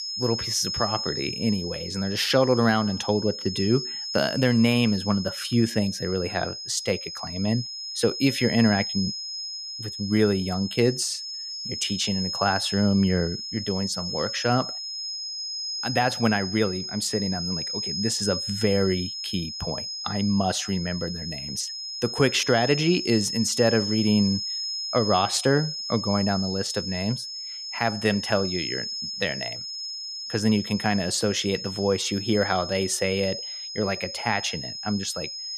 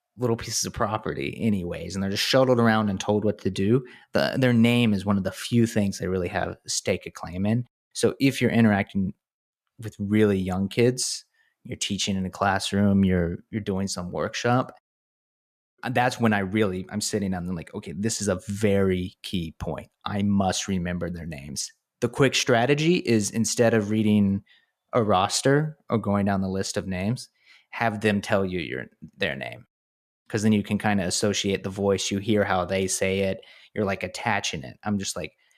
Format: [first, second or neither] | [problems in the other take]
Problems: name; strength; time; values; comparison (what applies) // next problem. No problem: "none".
second | high-pitched whine; loud; throughout; 5 kHz, 5 dB below the speech